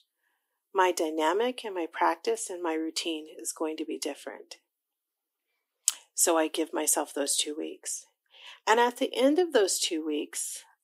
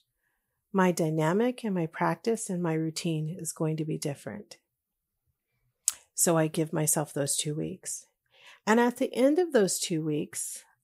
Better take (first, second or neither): second